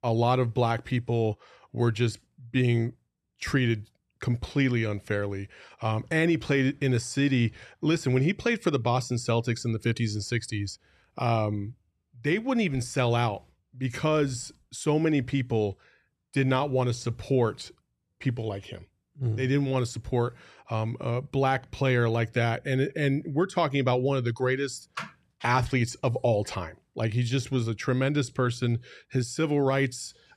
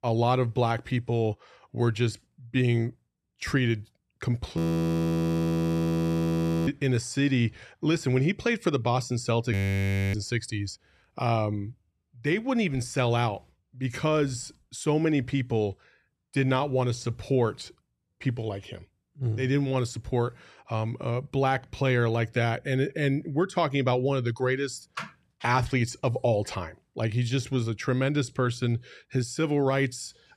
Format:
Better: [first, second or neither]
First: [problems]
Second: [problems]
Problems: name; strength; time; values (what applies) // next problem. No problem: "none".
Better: first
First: none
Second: audio freezing; at 4.5 s for 2 s and at 9.5 s for 0.5 s